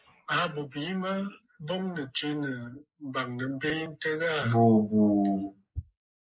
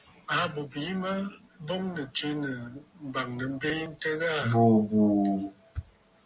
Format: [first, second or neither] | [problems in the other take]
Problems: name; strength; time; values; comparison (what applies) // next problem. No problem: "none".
second | noise reduction (neural mask model Resemble Enhance denoiser)